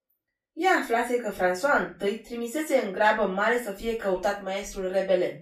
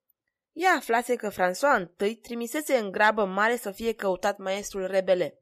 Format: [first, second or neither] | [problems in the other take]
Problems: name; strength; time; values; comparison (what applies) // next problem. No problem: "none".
second | off-mic speech; far // room echo; slight; dies away in 0.3 s